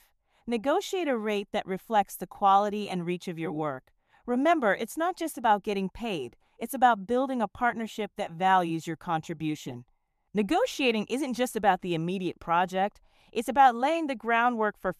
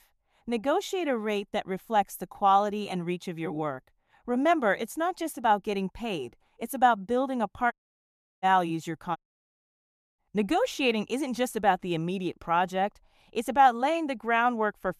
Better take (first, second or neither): first